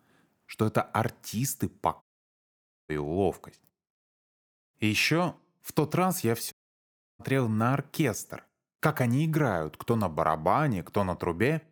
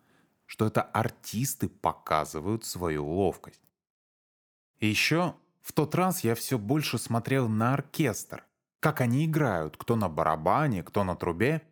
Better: second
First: audio cutting out; at 2 s for 1 s and at 6.5 s for 0.5 s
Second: none

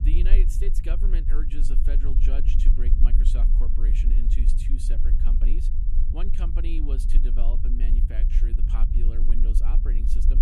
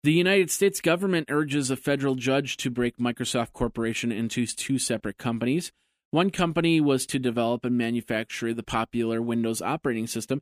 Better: second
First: low rumble; loud; throughout; 4 dB below the speech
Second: none

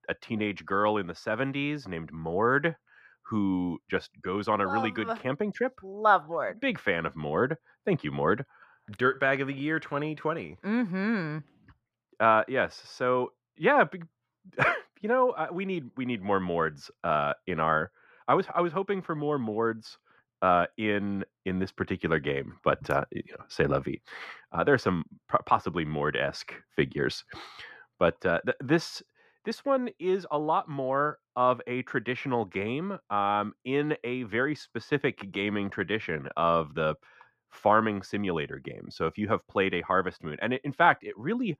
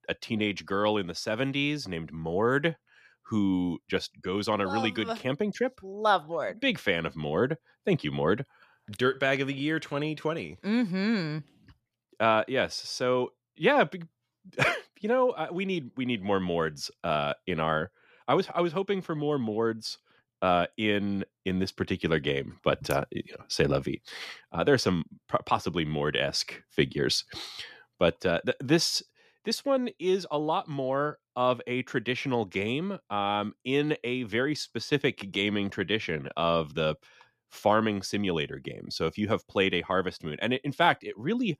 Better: second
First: muffled; slightly; fading above 3 kHz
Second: none

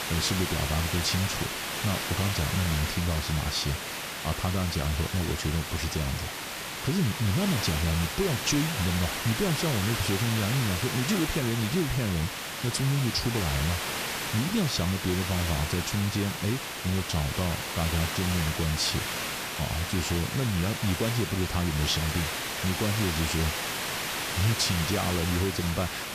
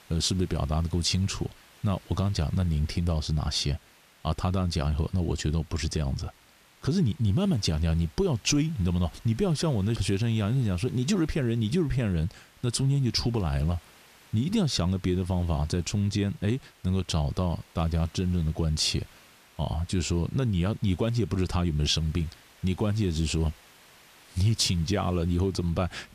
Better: second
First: hiss; loud; throughout; 2 dB below the speech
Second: hiss; faint; throughout; 25 dB below the speech

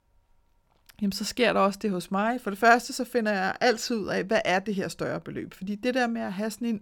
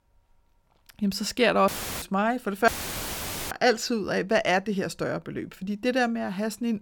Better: first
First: none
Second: audio cutting out; filled with static; at 1.5 s and at 2.5 s for 1 s

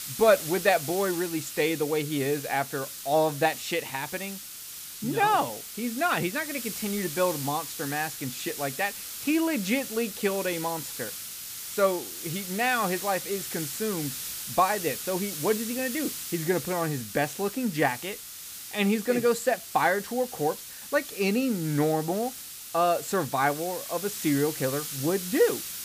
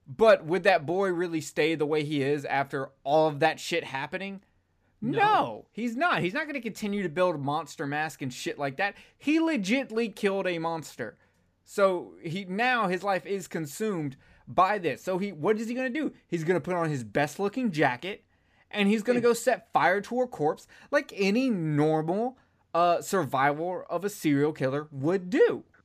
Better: second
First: hiss; loud; throughout; 7 dB below the speech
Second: none

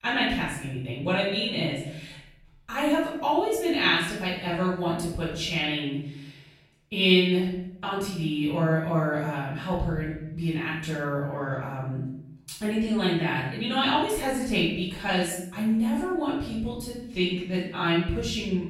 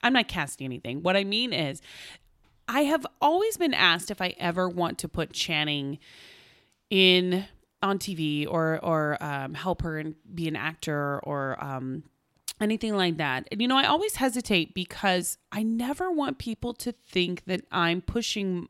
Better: second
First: off-mic speech; far // room echo; noticeable; dies away in 0.7 s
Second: none

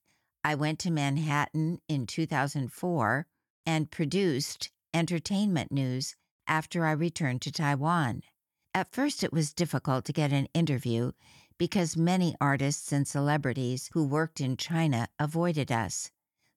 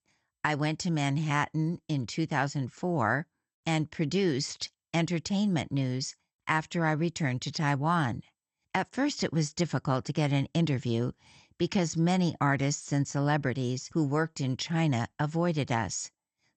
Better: first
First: none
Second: garbled, watery; slightly; nothing above 7.5 kHz

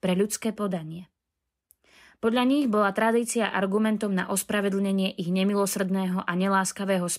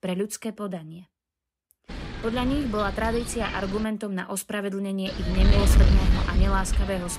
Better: first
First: none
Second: wind noise on the microphone; heavy; from 2 to 4 s and from 5 s on; 4 dB below the speech

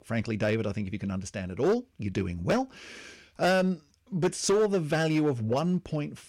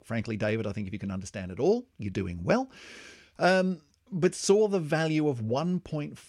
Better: second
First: distortion; slight; 6% of the sound clipped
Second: none

